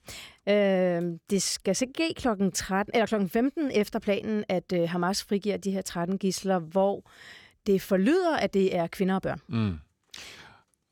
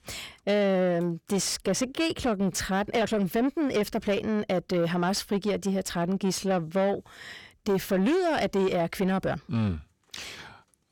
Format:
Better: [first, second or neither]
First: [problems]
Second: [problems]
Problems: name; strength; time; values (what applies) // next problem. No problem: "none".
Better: first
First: none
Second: distortion; slight; 10 dB below the speech